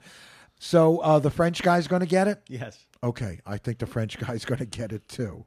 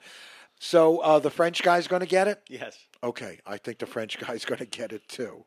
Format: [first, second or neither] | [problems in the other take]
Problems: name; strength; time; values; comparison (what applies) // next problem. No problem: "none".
first | thin; somewhat; fading below 350 Hz